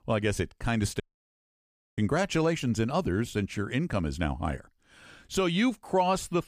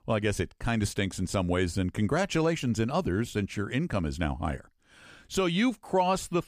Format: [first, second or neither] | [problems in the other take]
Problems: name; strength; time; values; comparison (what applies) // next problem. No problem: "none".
second | audio cutting out; at 1 s for 1 s